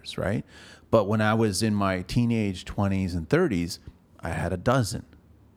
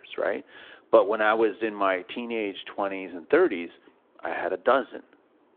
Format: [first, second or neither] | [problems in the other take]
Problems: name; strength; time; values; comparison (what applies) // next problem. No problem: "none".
first | phone-call audio; nothing above 3.5 kHz